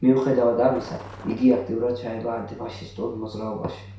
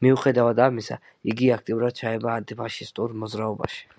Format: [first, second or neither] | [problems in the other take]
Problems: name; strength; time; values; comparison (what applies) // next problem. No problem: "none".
second | background sound (Truck); 18 dB below the speech // room echo; dies away in 0.6 s